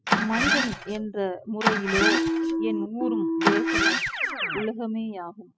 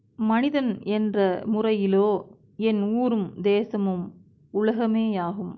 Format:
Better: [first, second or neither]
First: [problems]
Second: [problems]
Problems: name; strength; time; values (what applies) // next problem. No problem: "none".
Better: second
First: noise reduction (classical method spectral subtraction)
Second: none